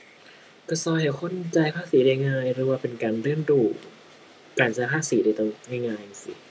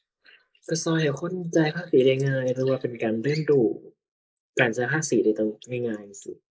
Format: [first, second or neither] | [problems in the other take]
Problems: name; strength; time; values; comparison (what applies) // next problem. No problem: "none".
first | noise reduction (neural mask model Resemble Enhance denoiser)